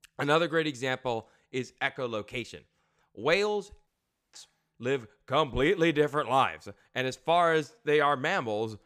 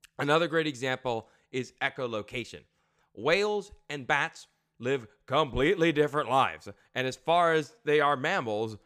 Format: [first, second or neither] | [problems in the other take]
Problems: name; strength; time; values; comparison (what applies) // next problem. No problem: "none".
second | audio cutting out; at 4 s